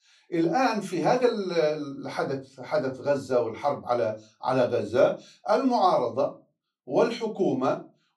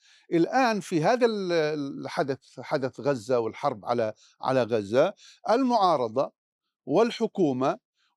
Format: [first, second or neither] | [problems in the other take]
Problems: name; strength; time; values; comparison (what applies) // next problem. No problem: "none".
second | off-mic speech; far // room echo; very slight; dies away in 0.2 s